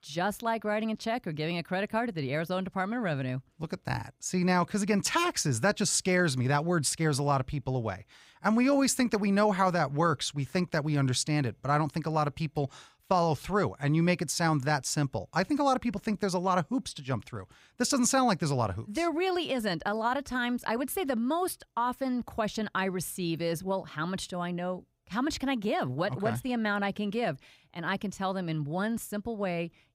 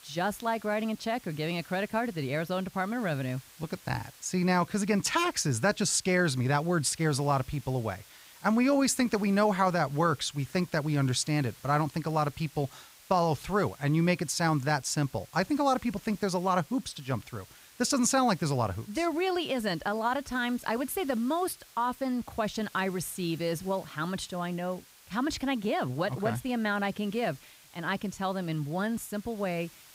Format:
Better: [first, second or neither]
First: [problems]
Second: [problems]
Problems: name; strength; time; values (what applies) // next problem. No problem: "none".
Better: first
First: none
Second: hiss; faint; throughout; 25 dB below the speech